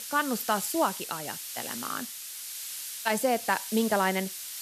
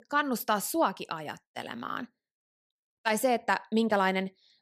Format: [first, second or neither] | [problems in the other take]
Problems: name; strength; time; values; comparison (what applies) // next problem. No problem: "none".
second | hiss; loud; throughout; 7 dB below the speech